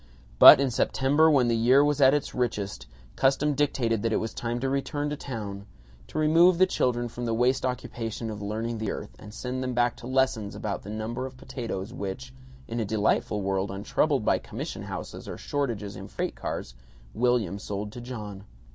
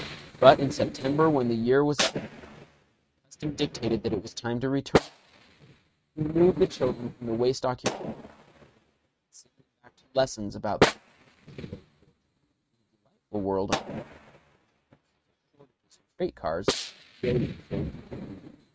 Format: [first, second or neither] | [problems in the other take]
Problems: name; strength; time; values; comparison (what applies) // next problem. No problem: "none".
first | noise reduction (neural mask model RNNoise)